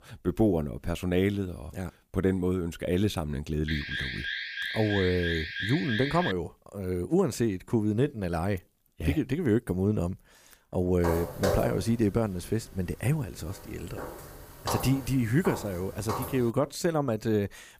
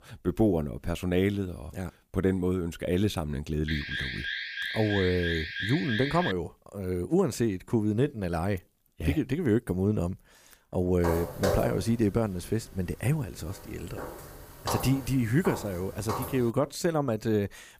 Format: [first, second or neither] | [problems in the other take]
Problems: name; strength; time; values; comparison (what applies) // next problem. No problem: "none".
neither | alarm; noticeable; from 3.5 to 6.5 s; peak 3 dB below the speech; the same in both // footsteps; noticeable; from 11 to 16 s; peak 1 dB below the speech; the same in both